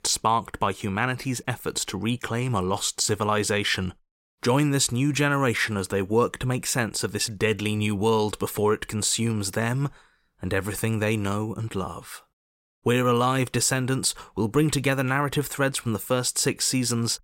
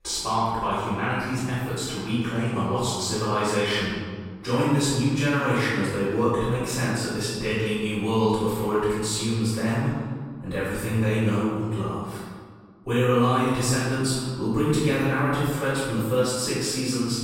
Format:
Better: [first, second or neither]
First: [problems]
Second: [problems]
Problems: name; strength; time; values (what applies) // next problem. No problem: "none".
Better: first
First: none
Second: off-mic speech; far // room echo; strong; dies away in 1.7 s